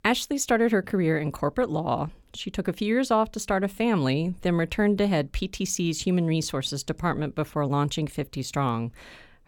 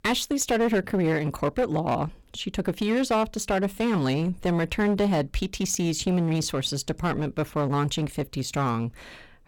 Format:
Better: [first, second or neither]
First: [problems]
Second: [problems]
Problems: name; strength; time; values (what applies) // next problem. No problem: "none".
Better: first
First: none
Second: distortion; slight; 8% of the sound clipped